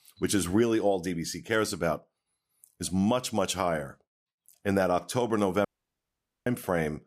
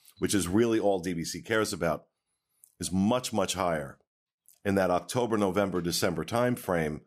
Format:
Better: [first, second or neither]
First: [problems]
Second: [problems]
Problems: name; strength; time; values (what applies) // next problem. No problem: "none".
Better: second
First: audio cutting out; at 5.5 s for 1 s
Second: none